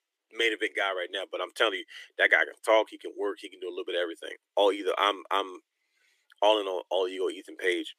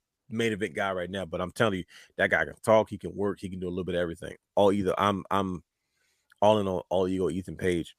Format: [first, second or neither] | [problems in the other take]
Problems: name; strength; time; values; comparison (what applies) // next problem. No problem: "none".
second | thin; very; fading below 300 Hz